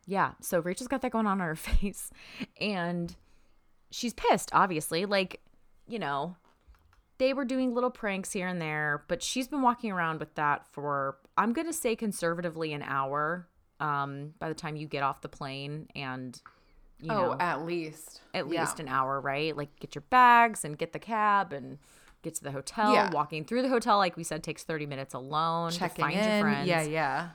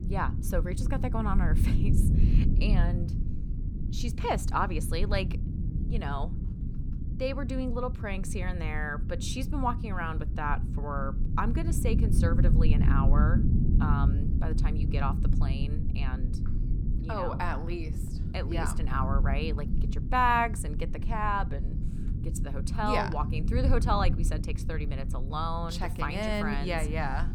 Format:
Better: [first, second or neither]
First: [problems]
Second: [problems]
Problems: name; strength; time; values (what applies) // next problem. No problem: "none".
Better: first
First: none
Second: low rumble; noticeable; throughout; 10 dB below the speech